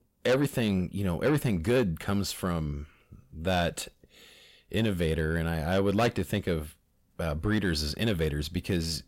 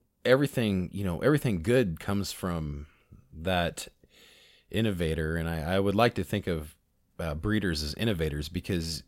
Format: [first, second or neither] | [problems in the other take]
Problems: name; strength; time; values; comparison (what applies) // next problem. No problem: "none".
second | distortion; slight; 10 dB below the speech